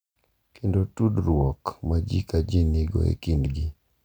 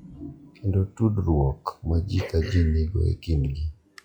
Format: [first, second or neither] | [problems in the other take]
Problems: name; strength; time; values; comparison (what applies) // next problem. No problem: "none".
first | noise reduction (classical method log-MMSE)